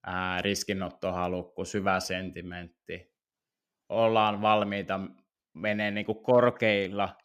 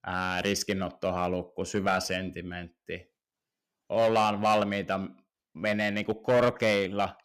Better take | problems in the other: first | distortion; slight; 3% of the sound clipped

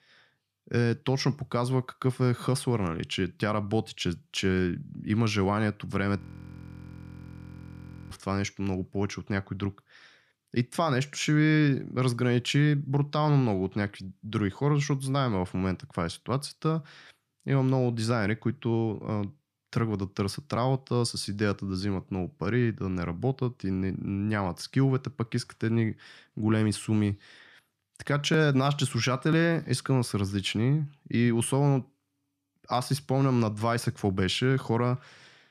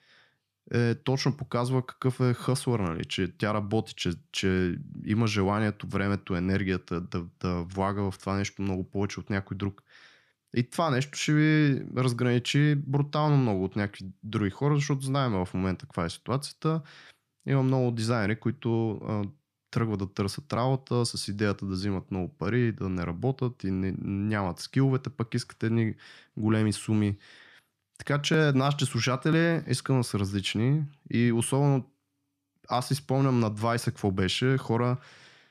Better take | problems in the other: second | audio freezing; at 6 s for 2 s

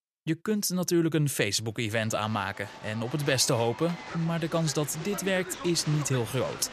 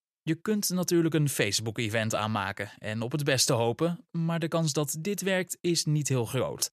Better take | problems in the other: second | crowd noise; noticeable; from 2.5 s on; 15 dB below the speech

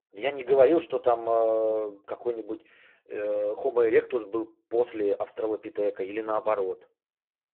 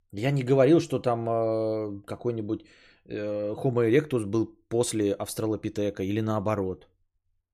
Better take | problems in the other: second | phone-call audio; poor line

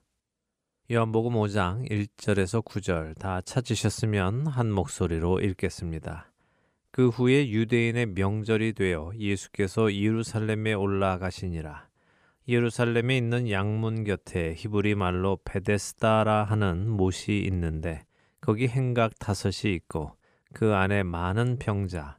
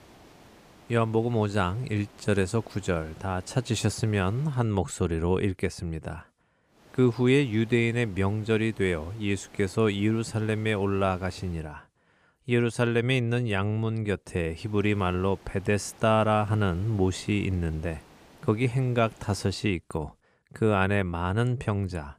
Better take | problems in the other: first | hiss; faint; until 4.5 s, from 7 to 12 s and from 15 to 20 s; 25 dB below the speech

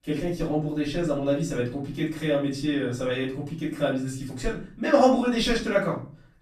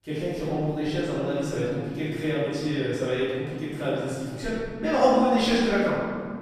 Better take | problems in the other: first | room echo; strong; dies away in 2 s; slight in the first // off-mic speech; far; far in the first

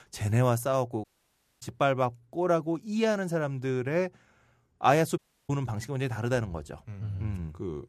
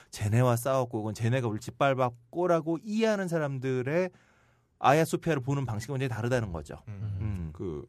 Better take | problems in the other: second | audio cutting out; at 1 s for 0.5 s and at 5 s

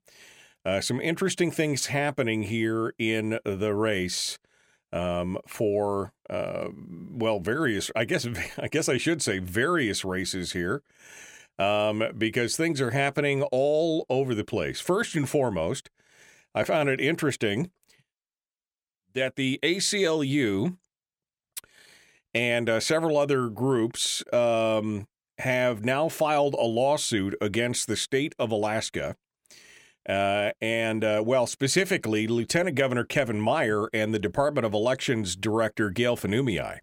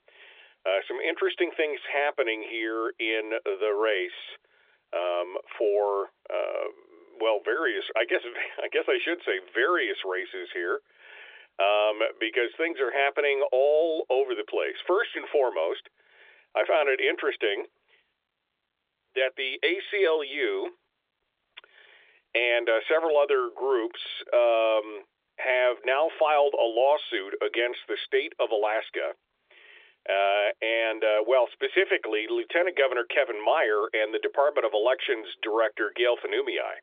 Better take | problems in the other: first | phone-call audio; nothing above 3.5 kHz

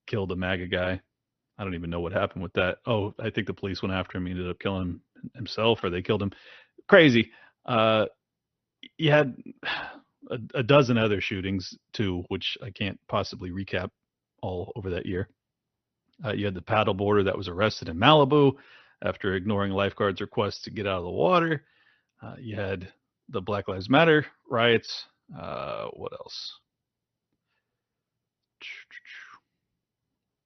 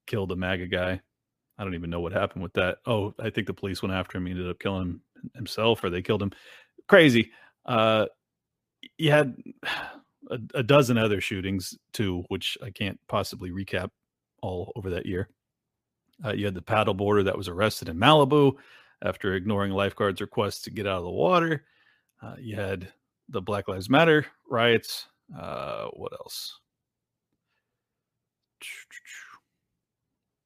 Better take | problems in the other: second | garbled, watery; slightly; nothing above 6 kHz

